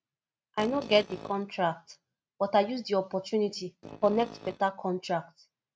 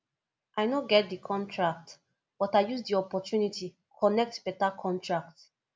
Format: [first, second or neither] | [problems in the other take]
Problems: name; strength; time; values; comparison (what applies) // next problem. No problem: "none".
second | noise reduction (neural mask model RNNoise)